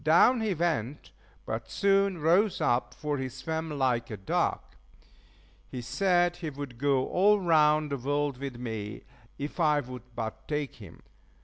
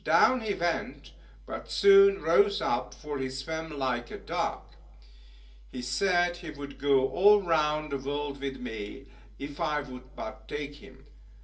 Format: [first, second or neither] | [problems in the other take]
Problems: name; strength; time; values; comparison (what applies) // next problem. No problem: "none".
first | room echo; dies away in 0.3 s